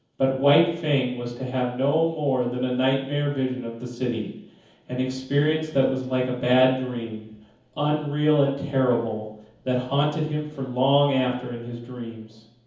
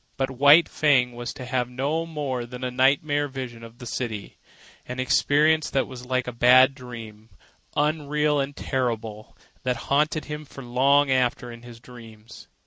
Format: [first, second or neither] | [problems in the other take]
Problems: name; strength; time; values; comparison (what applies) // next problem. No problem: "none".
second | room echo; dies away in 0.7 s